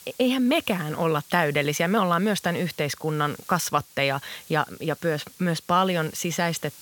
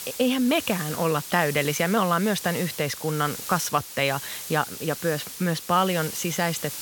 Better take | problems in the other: first | hiss; loud; throughout; 9 dB below the speech; faint in the first

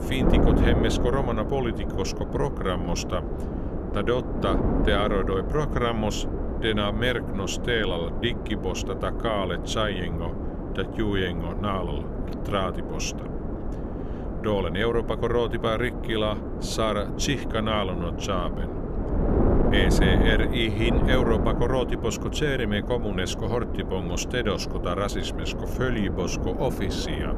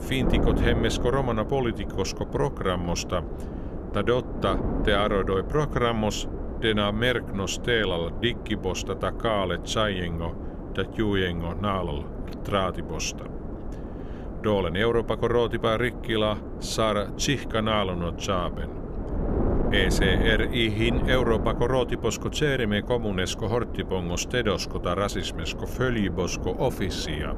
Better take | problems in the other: second | wind noise on the microphone; heavy; 5 dB below the speech; occasional gusts in the second

